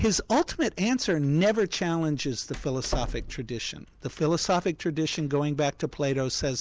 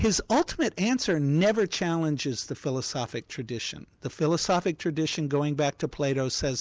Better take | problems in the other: second | background sound (Door); 14 dB below the speech

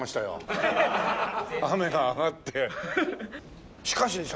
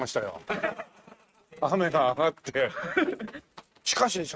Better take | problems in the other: first | noise reduction (neural mask model RNNoise)

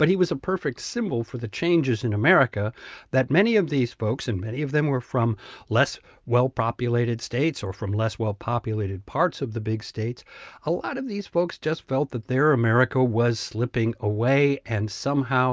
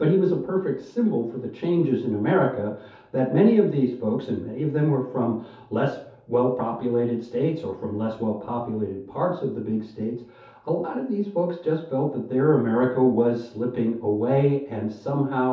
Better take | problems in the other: first | room echo; dies away in 0.5 s

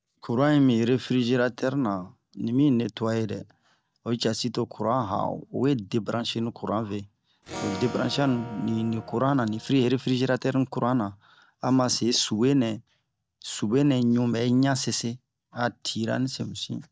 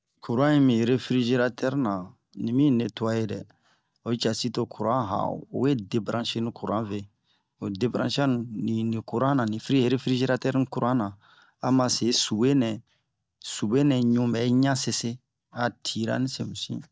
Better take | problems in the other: second | background sound (Acoustic guitar / Strum); 14 dB below the speech

